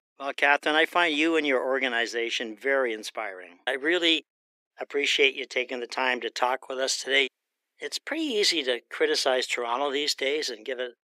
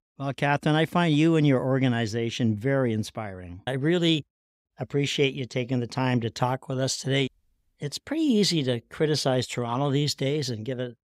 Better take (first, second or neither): second